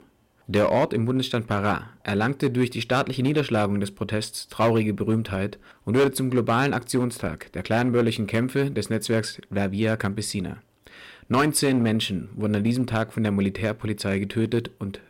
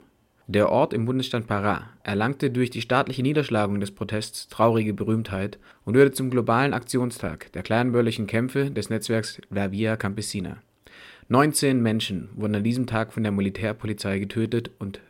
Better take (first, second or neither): second